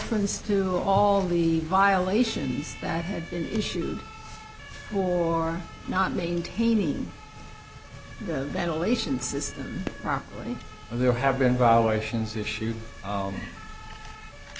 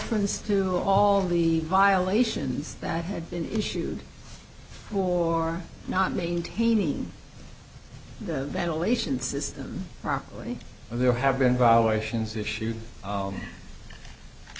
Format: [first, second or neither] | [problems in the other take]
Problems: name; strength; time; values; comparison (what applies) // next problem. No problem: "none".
second | background sound (Fireworks + Siren); 19 dB below the speech